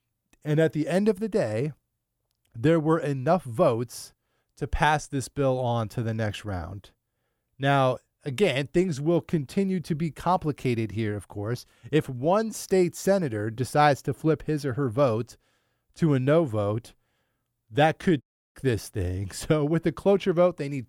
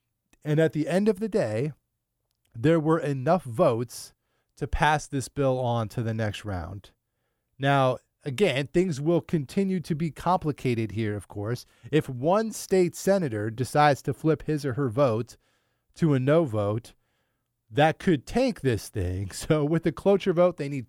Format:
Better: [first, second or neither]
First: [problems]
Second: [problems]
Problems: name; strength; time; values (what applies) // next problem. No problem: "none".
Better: second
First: audio cutting out; at 18 s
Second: none